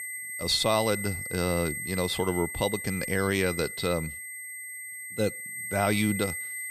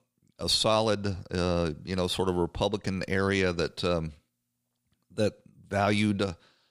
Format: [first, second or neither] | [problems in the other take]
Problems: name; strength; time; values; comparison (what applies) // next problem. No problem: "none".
second | high-pitched whine; loud; throughout; 2 kHz, 6 dB below the speech